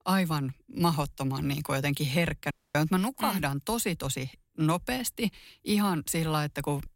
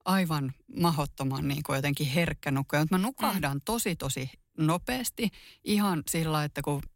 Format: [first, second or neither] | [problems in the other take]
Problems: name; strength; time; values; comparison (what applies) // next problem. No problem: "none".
second | audio cutting out; at 2.5 s